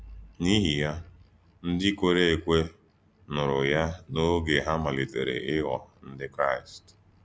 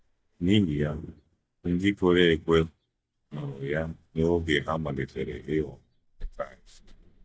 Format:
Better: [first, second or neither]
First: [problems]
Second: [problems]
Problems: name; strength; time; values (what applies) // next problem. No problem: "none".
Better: first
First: none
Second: noise reduction (neural mask model DeepFilterNet 3)